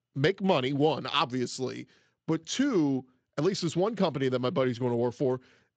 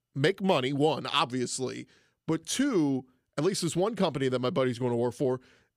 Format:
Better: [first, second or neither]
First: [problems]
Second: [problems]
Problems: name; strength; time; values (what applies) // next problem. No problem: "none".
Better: second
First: garbled, watery; slightly; nothing above 7.5 kHz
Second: none